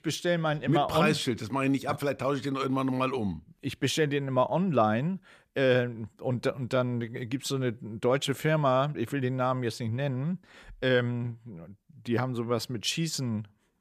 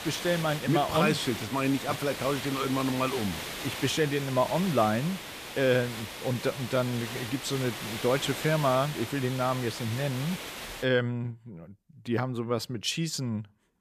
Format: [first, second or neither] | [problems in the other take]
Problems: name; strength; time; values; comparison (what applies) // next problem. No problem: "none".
first | hiss; loud; until 11 s; 8 dB below the speech